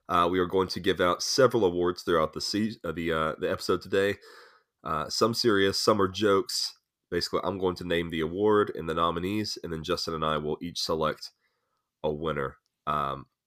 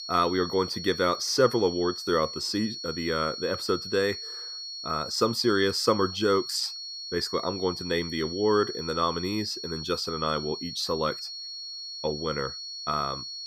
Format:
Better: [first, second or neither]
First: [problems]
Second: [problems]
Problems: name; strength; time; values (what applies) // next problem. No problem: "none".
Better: first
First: none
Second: high-pitched whine; loud; throughout; 4.5 kHz, 7 dB below the speech